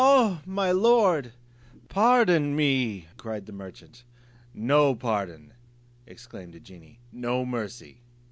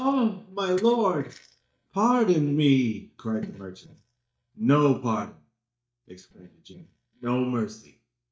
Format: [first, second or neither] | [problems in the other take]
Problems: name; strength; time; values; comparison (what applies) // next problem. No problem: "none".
first | noise reduction (neural mask model DeepFilterNet 3)